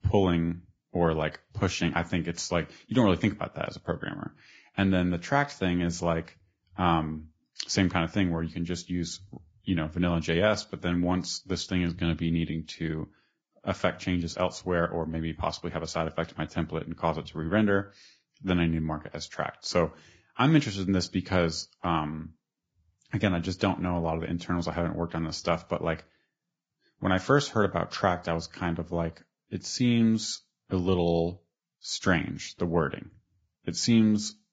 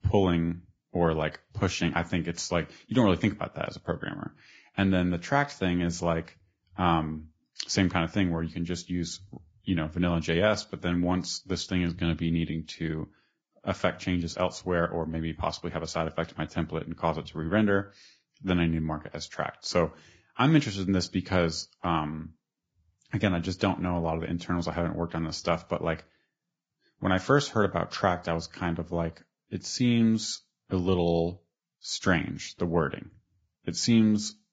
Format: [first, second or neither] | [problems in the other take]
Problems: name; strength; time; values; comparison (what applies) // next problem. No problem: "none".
neither | garbled, watery; badly; nothing above 7.5 kHz; the same in both